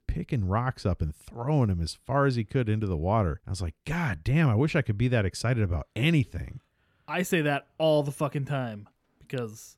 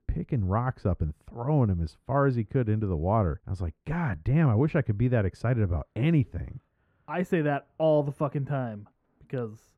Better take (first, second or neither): first